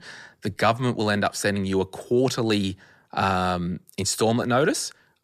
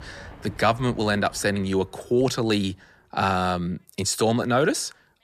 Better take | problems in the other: first | animal sounds; faint; throughout; 20 dB below the speech

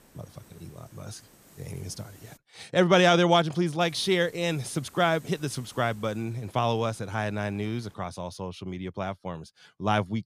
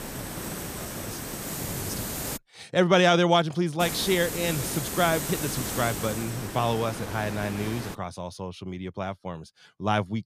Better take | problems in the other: first | hiss; loud; until 2.5 s and from 4 to 8 s; 6 dB below the speech; faint in the first

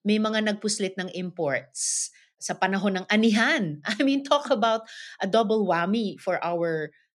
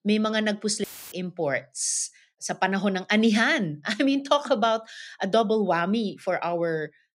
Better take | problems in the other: first | audio cutting out; filled with static; at 1 s

